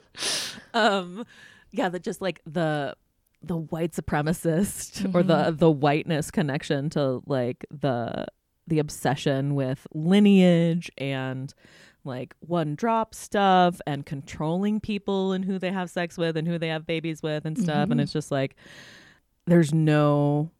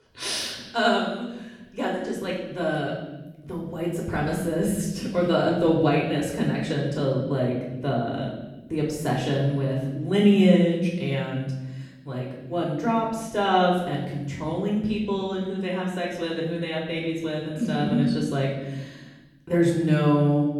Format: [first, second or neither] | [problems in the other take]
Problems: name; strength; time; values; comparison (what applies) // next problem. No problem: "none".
first | off-mic speech; far // room echo; noticeable; dies away in 1.1 s